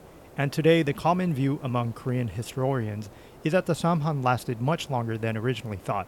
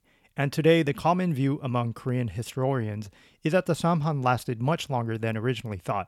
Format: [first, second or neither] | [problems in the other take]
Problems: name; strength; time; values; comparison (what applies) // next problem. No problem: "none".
second | hiss; faint; throughout; 20 dB below the speech